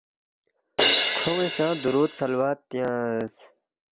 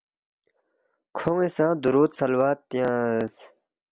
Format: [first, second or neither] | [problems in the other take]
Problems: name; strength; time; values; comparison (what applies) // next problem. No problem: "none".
second | background sound (Crash cymbal); 1 dB above the speech